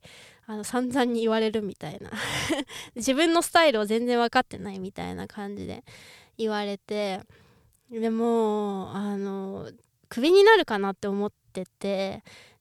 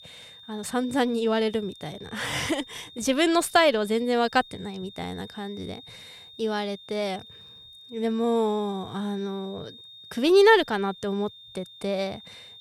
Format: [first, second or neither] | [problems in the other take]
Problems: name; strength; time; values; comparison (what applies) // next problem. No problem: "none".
first | high-pitched whine; noticeable; throughout; 3.5 kHz, 20 dB below the speech